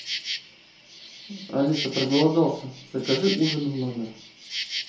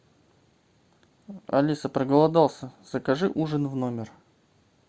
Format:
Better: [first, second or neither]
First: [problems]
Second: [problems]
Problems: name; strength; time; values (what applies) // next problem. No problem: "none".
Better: second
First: background sound (Insect); 8 dB below the speech // room echo; dies away in 0.5 s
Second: none